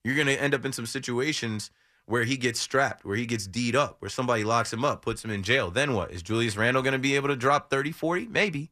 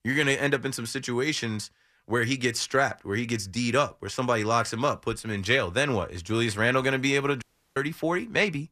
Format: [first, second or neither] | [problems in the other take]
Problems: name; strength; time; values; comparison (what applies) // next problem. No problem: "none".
first | audio cutting out; at 7.5 s